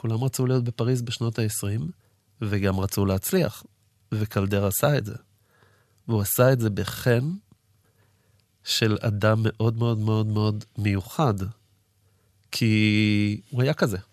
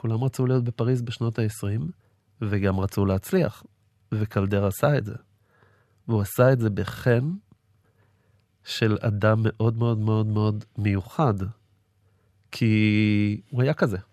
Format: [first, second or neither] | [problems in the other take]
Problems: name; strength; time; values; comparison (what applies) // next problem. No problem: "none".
first | muffled; slightly; fading above 3.5 kHz